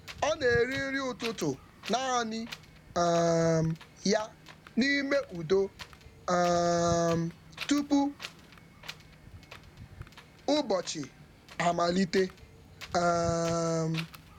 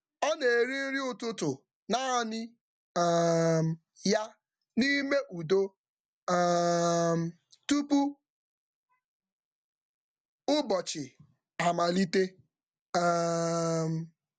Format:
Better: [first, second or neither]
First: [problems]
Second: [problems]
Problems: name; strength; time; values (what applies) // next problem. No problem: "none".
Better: second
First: background sound (Wind); 16 dB below the speech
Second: none